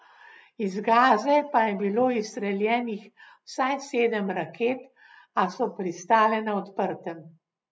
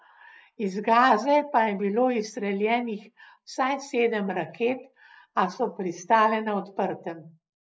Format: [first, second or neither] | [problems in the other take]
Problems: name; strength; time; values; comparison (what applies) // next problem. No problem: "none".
first | noise reduction (neural mask model Resemble Enhance denoiser)